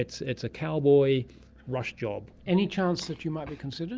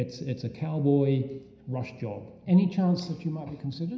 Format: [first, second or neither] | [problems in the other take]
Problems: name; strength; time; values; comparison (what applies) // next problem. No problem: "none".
first | room echo; dies away in 0.9 s